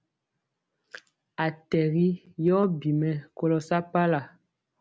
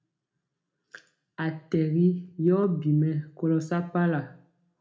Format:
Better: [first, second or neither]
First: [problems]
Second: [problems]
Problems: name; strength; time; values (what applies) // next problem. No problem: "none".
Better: first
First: none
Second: room echo; dies away in 0.4 s